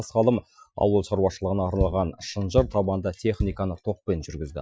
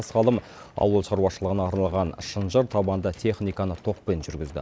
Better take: second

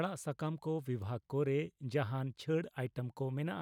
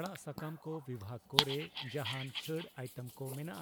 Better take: first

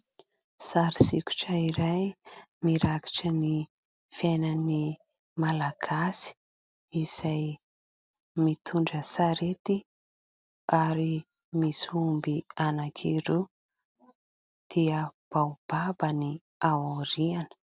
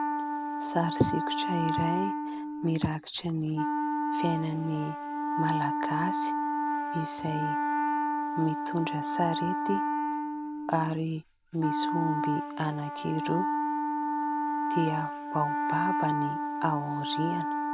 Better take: first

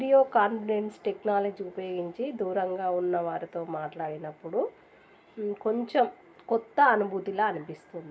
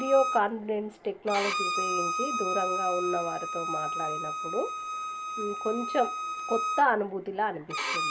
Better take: first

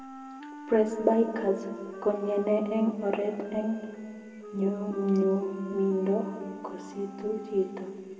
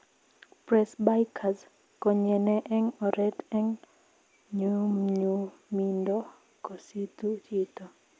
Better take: second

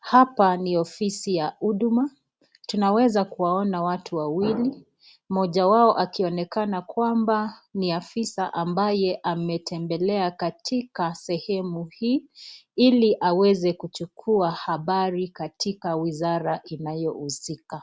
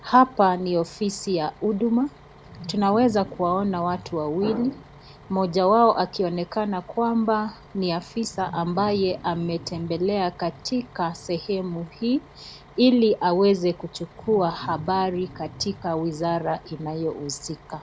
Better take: first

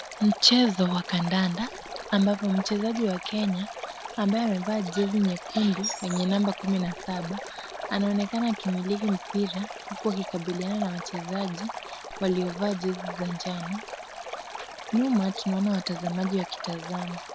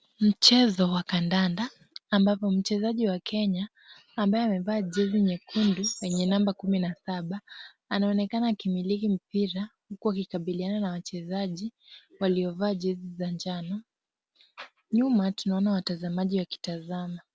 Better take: second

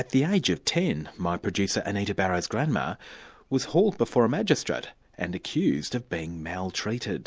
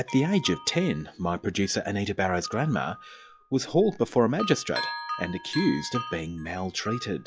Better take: first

